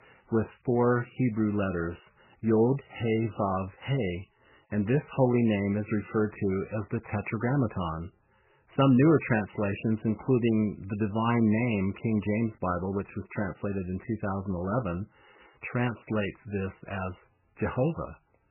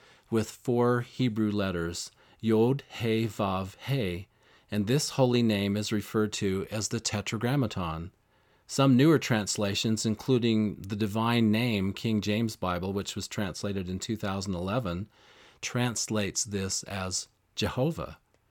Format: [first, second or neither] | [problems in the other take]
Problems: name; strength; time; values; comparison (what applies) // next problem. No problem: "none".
second | garbled, watery; badly; nothing above 3 kHz